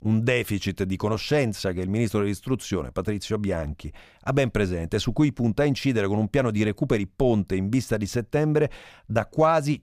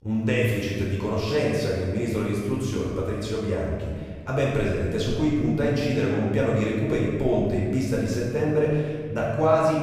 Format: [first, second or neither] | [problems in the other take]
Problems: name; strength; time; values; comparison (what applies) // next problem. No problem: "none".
first | room echo; strong; dies away in 1.4 s // off-mic speech; far